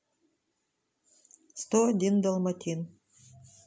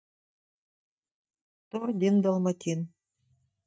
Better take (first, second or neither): first